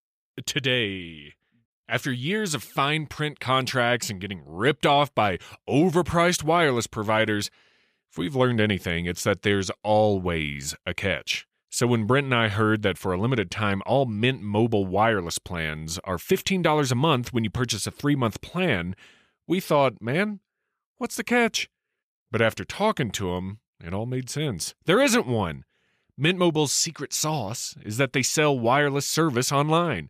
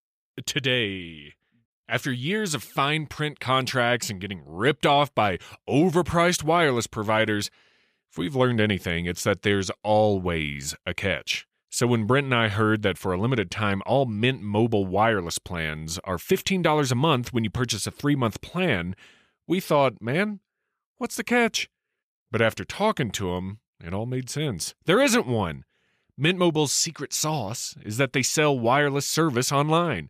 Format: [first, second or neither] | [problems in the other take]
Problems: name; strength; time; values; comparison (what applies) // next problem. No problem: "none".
neither | none